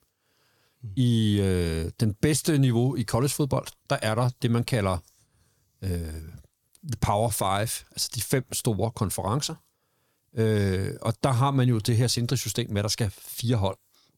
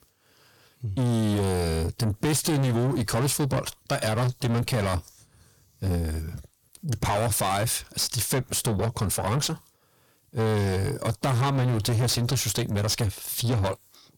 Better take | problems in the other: first | distortion; heavy; 6 dB below the speech

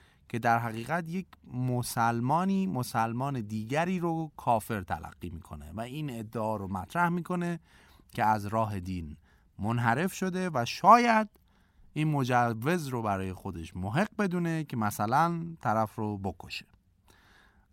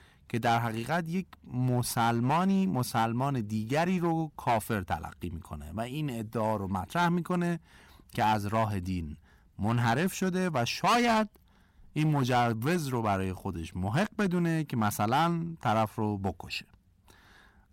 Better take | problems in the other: first | distortion; heavy; 6% of the sound clipped

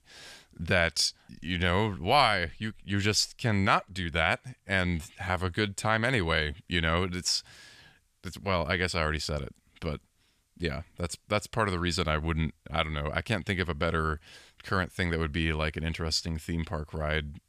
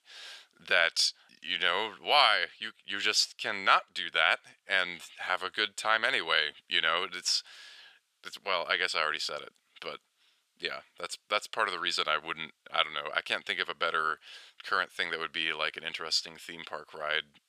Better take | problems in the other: first | thin; very; fading below 550 Hz

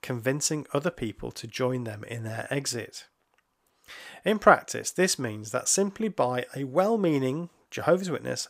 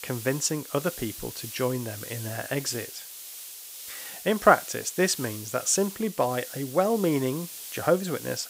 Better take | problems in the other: first | hiss; noticeable; throughout; 10 dB below the speech

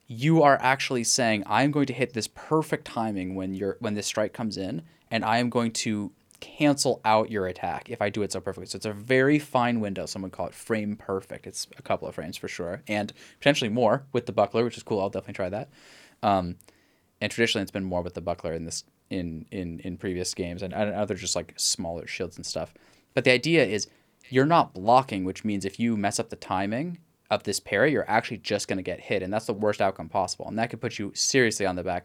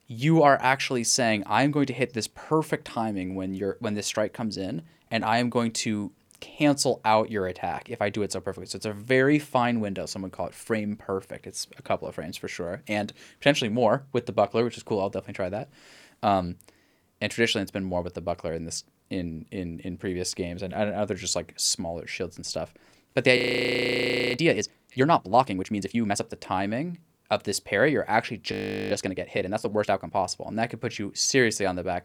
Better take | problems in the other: first | audio freezing; at 23 s for 1 s and at 29 s

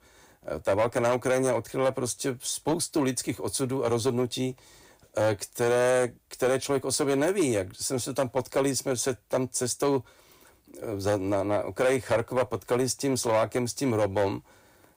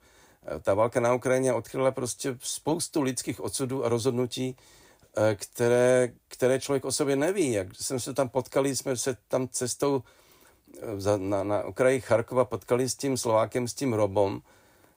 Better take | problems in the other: second | distortion; slight; 5% of the sound clipped

